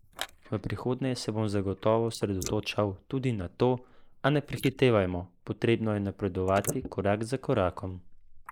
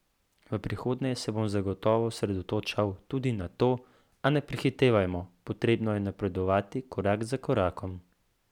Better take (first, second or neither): second